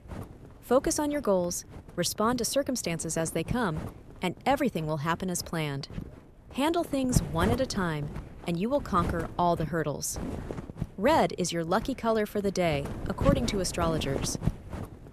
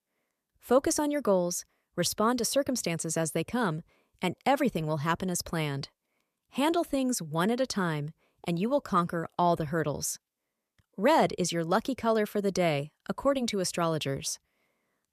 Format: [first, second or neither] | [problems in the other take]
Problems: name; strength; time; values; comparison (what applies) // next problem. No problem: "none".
second | wind noise on the microphone; occasional gusts; 15 dB below the speech